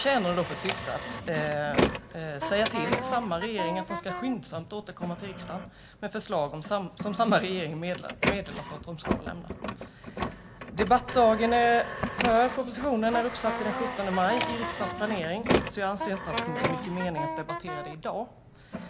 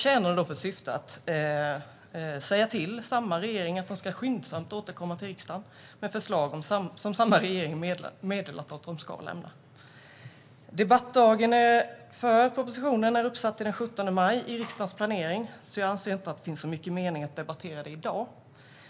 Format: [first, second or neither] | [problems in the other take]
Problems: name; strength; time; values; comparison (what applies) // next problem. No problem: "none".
second | background sound (Wind instrument, woodwind instrument + Printer); 4 dB below the speech